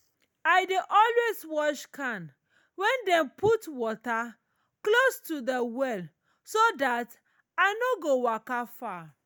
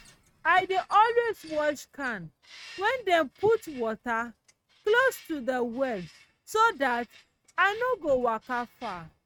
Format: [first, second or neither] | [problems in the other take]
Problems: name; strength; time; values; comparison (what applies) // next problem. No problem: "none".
first | noise reduction (neural mask model RNNoise)